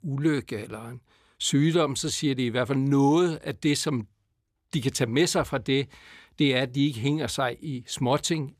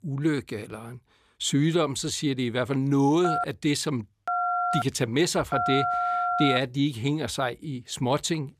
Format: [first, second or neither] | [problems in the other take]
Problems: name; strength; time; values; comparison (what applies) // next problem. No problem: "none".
first | phone ringing; loud; from 3 to 6.5 s; peak 1 dB above the speech